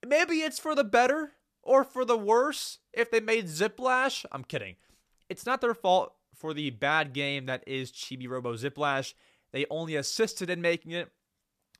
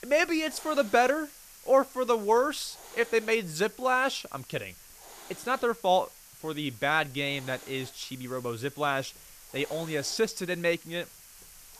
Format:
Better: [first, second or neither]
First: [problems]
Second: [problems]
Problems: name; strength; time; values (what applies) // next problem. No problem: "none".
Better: first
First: none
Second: hiss; noticeable; throughout; 20 dB below the speech